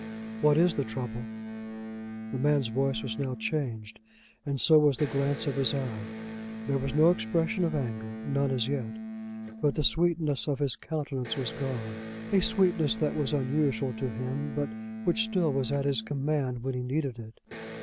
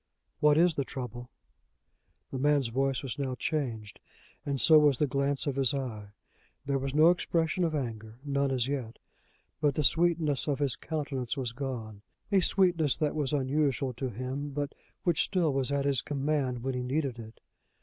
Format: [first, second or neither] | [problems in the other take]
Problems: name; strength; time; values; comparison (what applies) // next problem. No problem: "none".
second | background sound (Electric guitar); 10 dB below the speech